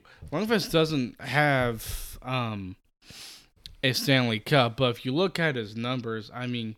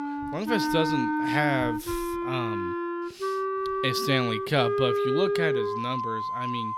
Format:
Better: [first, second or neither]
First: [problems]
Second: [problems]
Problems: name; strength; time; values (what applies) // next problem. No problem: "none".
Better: first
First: none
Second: background music; very loud; throughout; as loud as the speech